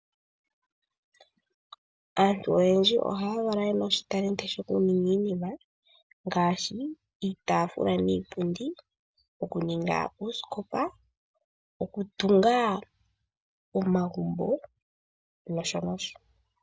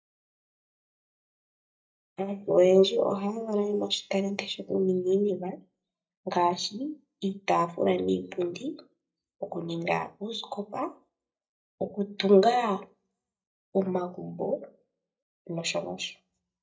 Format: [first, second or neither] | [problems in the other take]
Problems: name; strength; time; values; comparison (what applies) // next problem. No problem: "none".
first | noise reduction (neural mask model DeepFilterNet 3)